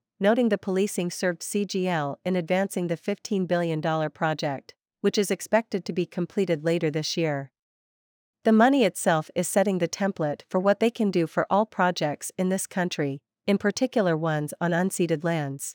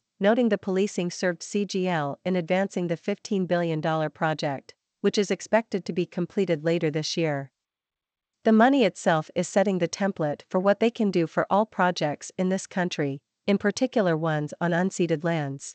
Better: first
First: none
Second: garbled, watery; slightly; nothing above 8 kHz

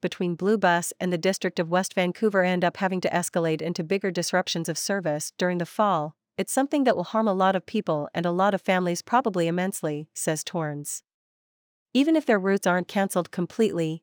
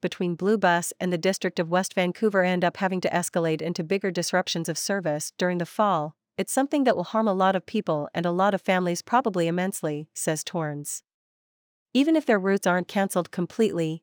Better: neither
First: none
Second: none

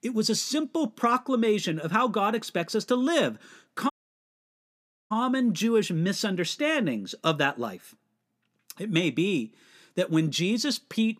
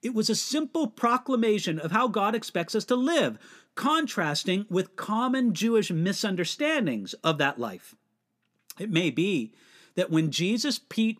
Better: second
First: audio cutting out; at 4 s for 1 s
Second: none

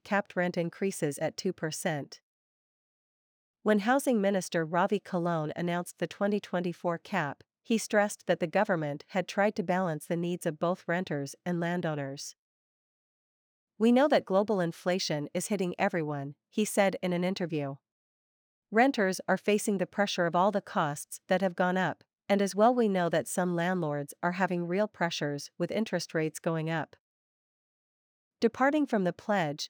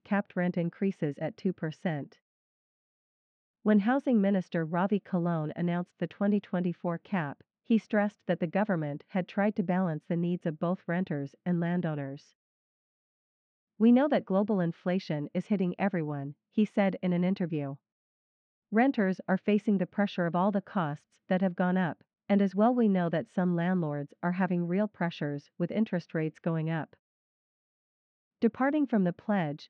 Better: first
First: none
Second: muffled; slightly; fading above 3 kHz

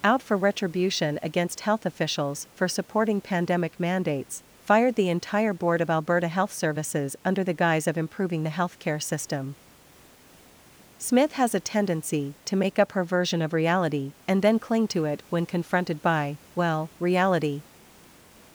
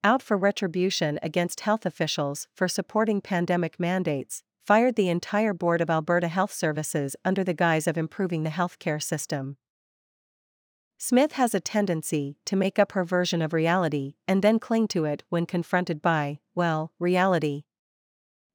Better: second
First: hiss; faint; throughout; 25 dB below the speech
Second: none

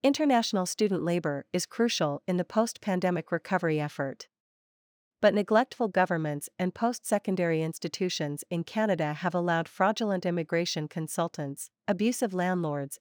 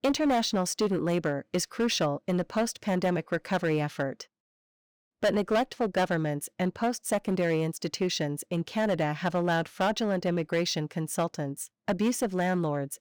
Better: first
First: none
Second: distortion; slight; 7% of the sound clipped

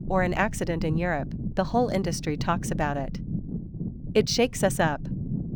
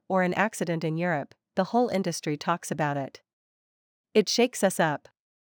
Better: second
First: low rumble; noticeable; throughout; 15 dB below the speech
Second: none

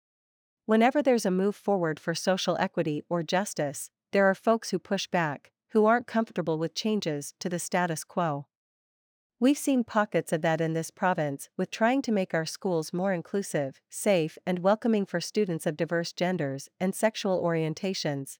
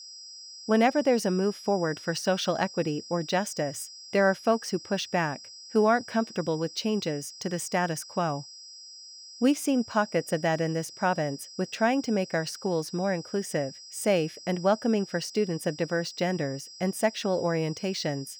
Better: first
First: none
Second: high-pitched whine; noticeable; throughout; 5 kHz, 15 dB below the speech

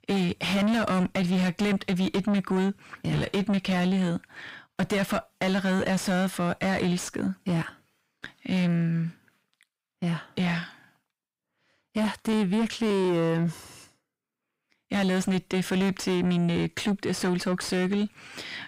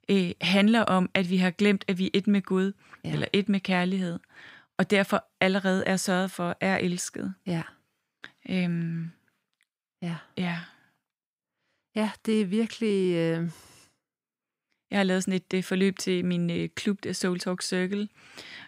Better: second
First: distortion; heavy; 7 dB below the speech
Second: none

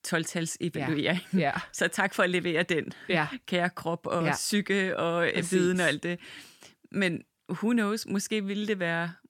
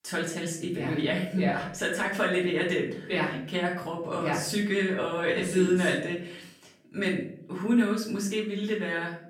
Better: first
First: none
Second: room echo; slight; dies away in 0.5 s // off-mic speech; far

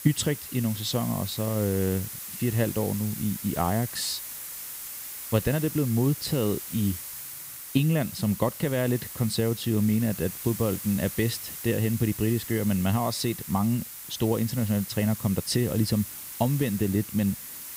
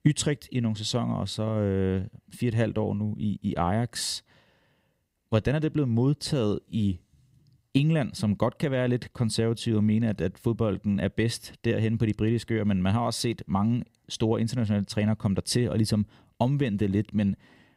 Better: second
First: hiss; loud; throughout; 9 dB below the speech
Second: none

